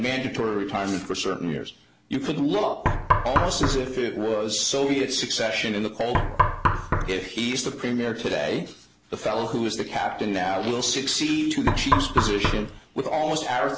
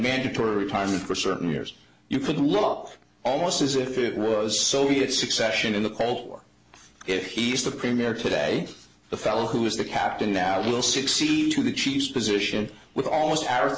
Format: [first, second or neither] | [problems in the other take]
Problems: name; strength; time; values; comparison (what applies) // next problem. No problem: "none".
second | background sound (Knock); 2 dB above the speech